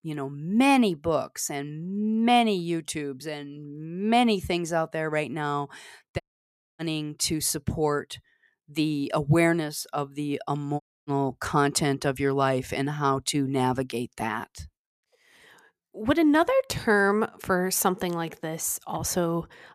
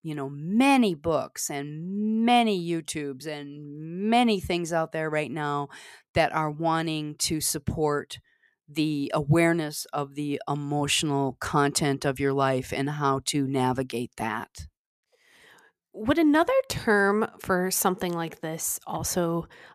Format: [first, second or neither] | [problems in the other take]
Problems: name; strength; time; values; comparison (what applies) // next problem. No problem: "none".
second | audio cutting out; at 6 s for 0.5 s and at 11 s